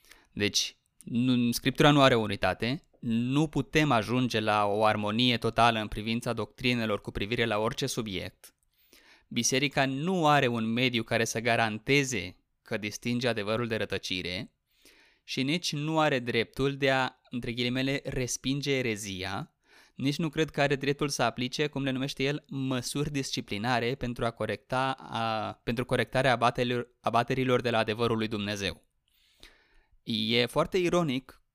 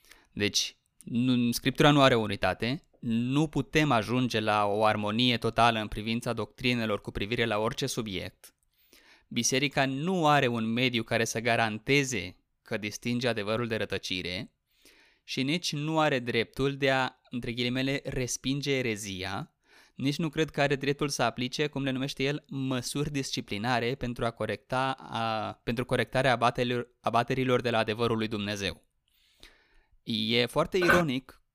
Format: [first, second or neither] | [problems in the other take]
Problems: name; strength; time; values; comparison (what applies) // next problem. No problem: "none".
first | clattering dishes; loud; at 31 s; peak 2 dB above the speech